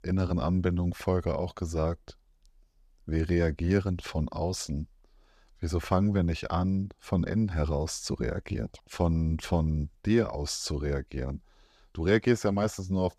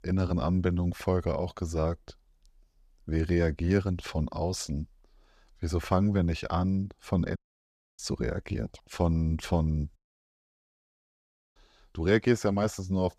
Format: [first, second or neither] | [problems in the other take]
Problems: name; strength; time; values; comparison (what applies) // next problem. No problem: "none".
first | audio cutting out; at 7.5 s for 0.5 s and at 10 s for 1.5 s